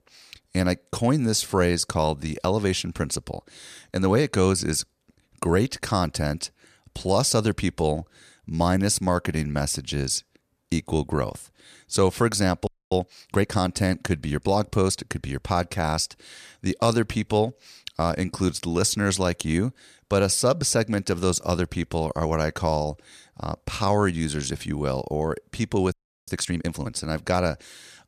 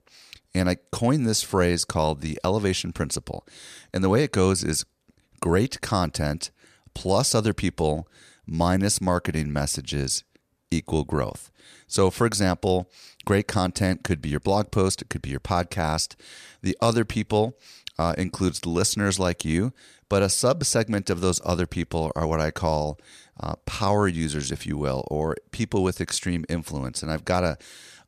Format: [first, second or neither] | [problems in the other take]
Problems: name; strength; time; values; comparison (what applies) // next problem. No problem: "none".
second | audio freezing; at 13 s and at 26 s